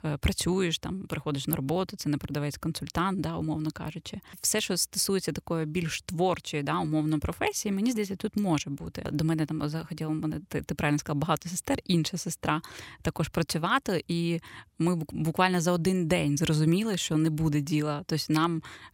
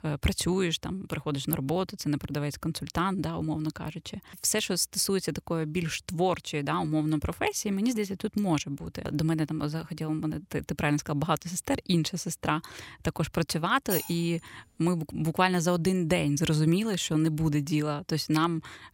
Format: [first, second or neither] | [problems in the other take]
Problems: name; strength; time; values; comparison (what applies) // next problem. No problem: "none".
first | clattering dishes; noticeable; at 14 s; peak 4 dB below the speech